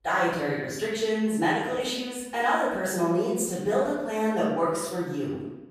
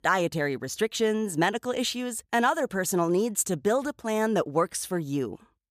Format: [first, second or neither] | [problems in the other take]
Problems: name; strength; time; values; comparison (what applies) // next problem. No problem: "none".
second | off-mic speech; far // room echo; strong; dies away in 0.9 s